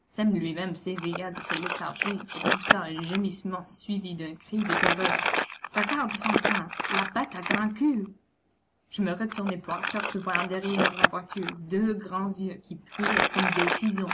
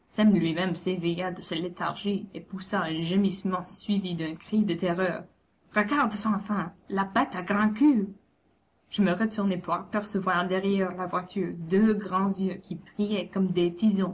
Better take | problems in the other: second | background sound (Crumpling, crinkling); as loud as the speech

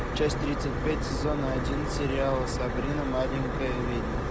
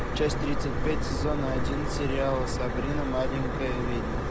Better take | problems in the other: first | background sound (Walk, footsteps); 6 dB below the speech

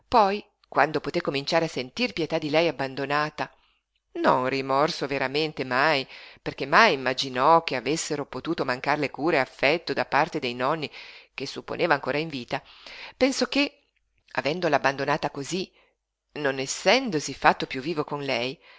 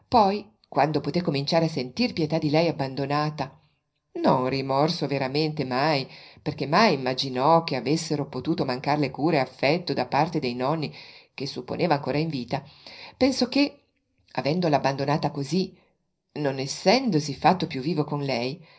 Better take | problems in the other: first | room echo; dies away in 0.4 s

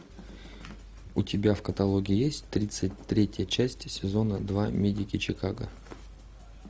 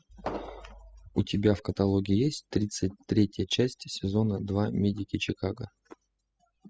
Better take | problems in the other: first | noise reduction (classical method spectral subtraction)

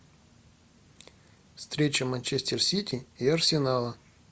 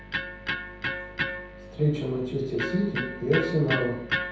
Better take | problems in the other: first | background sound (Electric guitar); 4 dB below the speech // room echo; dies away in 0.9 s

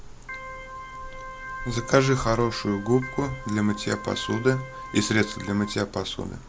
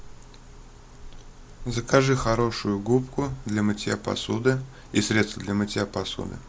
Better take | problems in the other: second | background sound (Organ); 12 dB below the speech

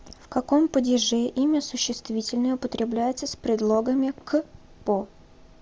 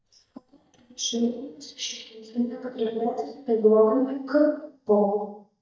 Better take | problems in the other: first | noise reduction (neural mask model DeepFilterNet 3)

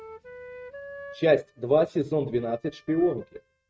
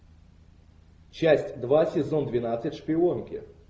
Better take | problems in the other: second | noise reduction (neural mask model RNNoise)

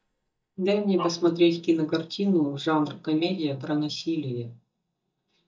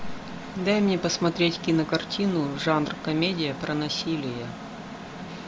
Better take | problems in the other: second | noise reduction (neural mask model DeepFilterNet 3)

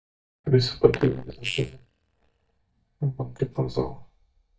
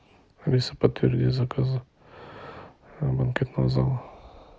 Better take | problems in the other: second | noise reduction (neural mask model DeepFilterNet 3)

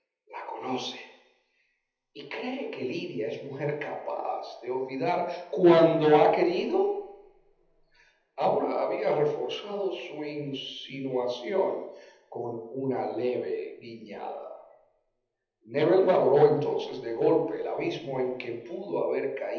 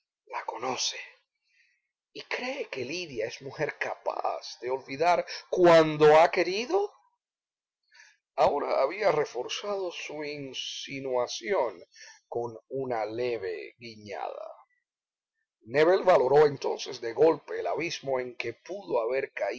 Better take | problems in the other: second | room echo; dies away in 0.9 s

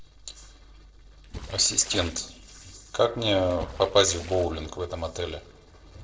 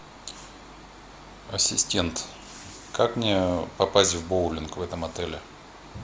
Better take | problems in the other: second | noise reduction (neural separator model SepFormer DNS4)

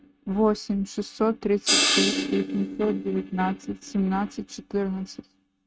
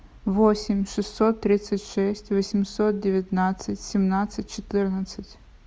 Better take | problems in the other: second | noise reduction (neural mask model RNNoise)

